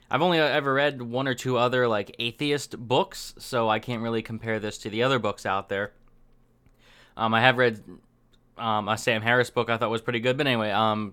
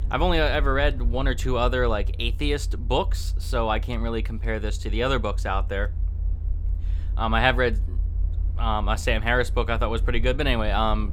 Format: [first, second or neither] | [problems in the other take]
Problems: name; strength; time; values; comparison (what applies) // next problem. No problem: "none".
first | low rumble; faint; throughout; 25 dB below the speech